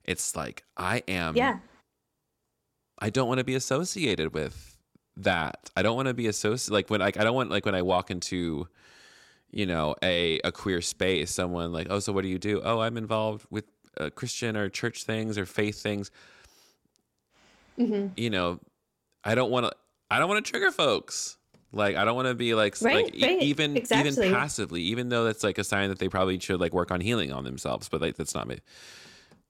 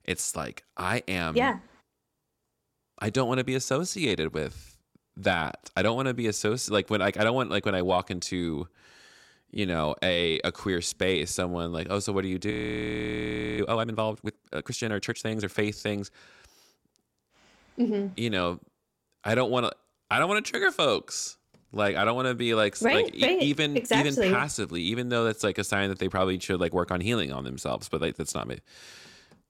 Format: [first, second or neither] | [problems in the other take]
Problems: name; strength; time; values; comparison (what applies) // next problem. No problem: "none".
first | audio freezing; at 13 s for 1 s